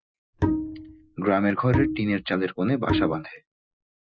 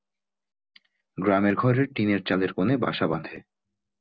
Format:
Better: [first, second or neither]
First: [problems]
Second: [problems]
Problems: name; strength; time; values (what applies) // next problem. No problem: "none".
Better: second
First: noise reduction (classical method Wiener filter)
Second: none